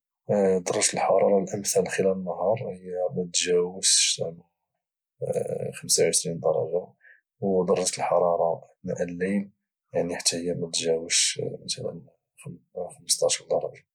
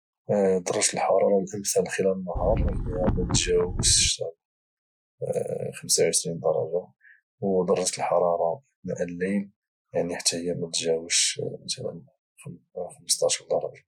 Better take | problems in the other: first | noise reduction (classical method Wiener filter)

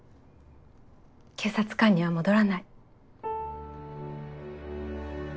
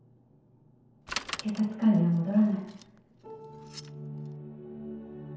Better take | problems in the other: first | background sound (Bicycle); 13 dB below the speech // room echo; dies away in 1 s

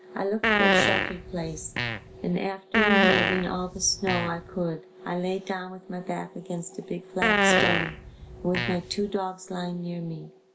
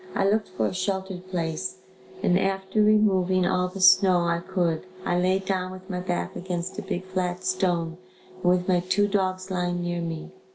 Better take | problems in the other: second | background sound (Fart); 4 dB above the speech

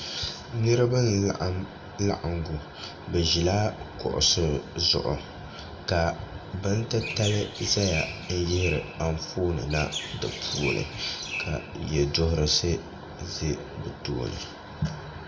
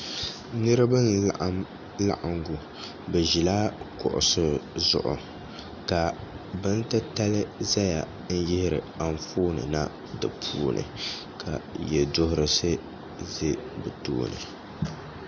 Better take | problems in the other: second | background sound (Chirp, tweet); 9 dB below the speech // room echo; dies away in 0.4 s

